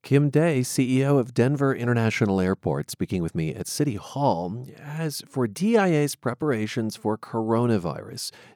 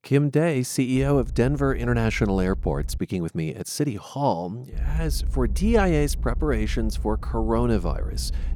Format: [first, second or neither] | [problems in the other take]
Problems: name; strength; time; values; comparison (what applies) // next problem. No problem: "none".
first | low rumble; faint; from 1 to 3 s and from 4.5 s on; 25 dB below the speech